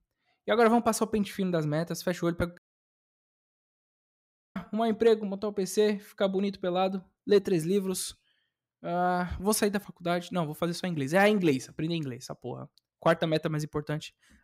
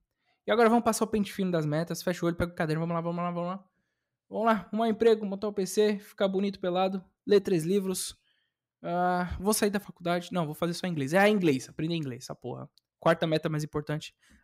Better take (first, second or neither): second